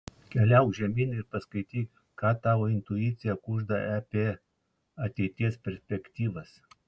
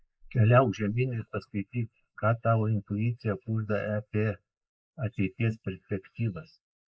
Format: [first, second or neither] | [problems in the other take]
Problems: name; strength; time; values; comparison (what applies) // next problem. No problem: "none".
first | noise reduction (neural mask model Resemble Enhance denoiser)